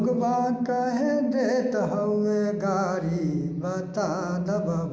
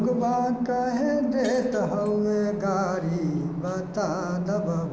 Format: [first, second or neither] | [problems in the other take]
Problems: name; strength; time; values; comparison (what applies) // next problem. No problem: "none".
first | background sound (Shatter); 19 dB below the speech